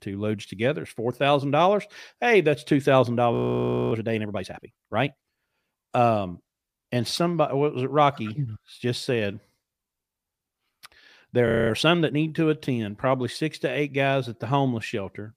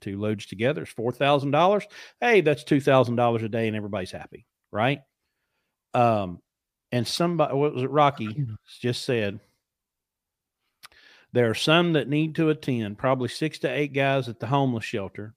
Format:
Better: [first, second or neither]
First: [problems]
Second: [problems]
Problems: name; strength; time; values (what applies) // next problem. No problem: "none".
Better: second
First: audio freezing; at 3.5 s for 0.5 s and at 11 s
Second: none